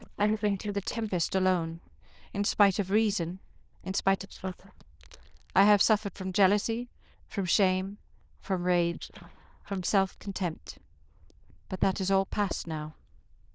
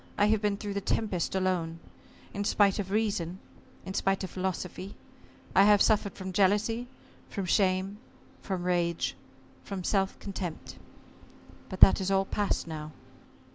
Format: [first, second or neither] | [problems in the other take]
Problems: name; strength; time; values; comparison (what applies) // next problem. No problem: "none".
second | noise reduction (neural diffusion model UNIVERSE++)